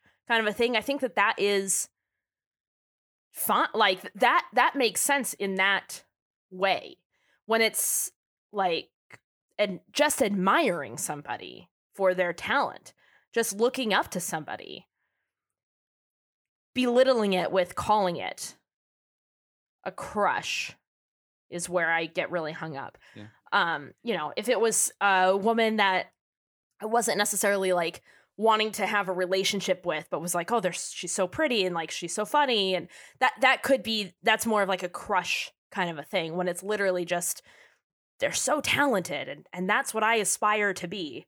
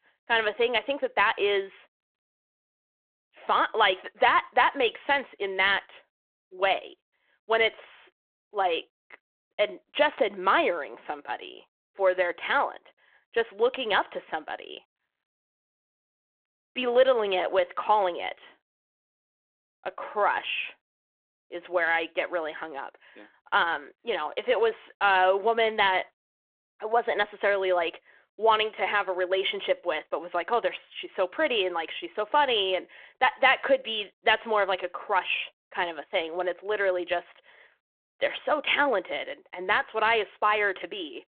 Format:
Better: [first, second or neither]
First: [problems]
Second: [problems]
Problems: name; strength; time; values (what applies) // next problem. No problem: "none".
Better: first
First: none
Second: phone-call audio